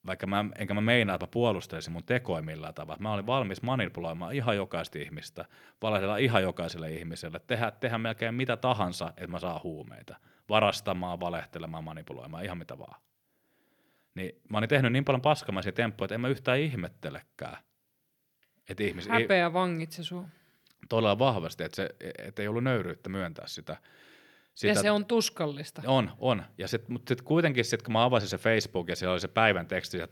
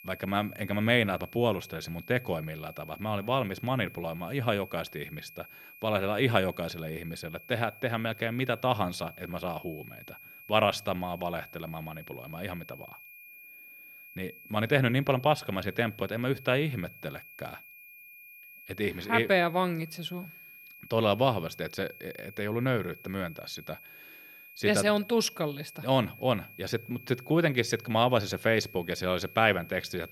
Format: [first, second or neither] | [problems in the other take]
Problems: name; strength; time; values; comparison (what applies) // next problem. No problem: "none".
first | high-pitched whine; noticeable; throughout; 2.5 kHz, 20 dB below the speech